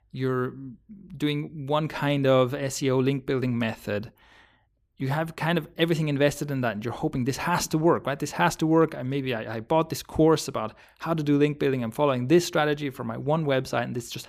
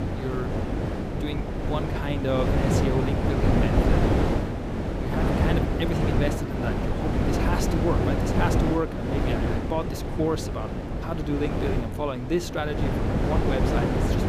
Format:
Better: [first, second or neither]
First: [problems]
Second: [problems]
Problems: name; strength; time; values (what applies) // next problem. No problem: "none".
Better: first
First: none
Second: wind noise on the microphone; heavy; 2 dB above the speech